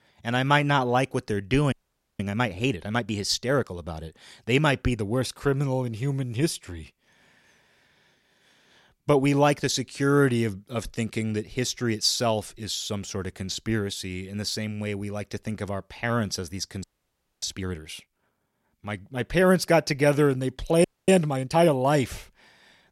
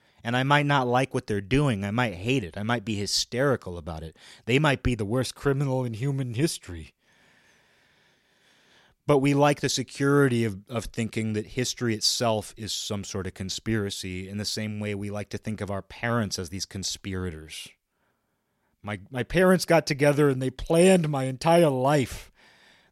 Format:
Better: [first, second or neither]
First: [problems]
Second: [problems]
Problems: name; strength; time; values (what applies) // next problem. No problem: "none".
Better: second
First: audio freezing; at 1.5 s, at 17 s for 0.5 s and at 21 s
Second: none